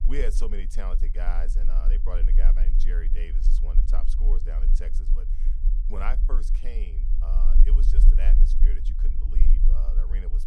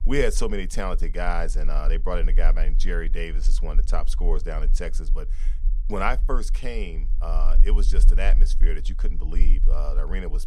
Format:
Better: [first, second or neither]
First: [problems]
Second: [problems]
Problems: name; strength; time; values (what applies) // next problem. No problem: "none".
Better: second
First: low rumble; loud; throughout; 8 dB below the speech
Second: low rumble; faint; throughout; 20 dB below the speech